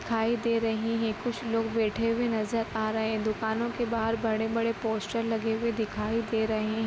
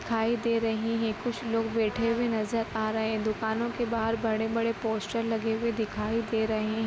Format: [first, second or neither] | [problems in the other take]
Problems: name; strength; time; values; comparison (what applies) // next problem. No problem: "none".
first | background sound (Brass instrument); 16 dB below the speech